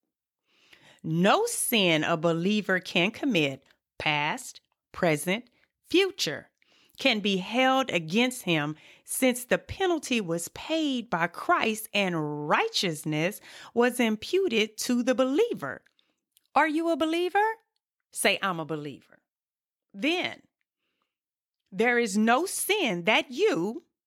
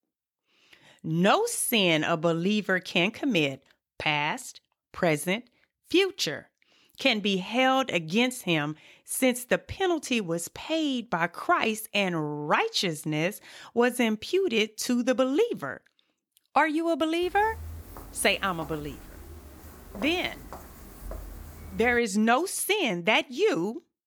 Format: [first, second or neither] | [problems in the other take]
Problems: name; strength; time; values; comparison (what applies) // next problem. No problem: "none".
first | footsteps; faint; from 17 to 22 s; peak 15 dB below the speech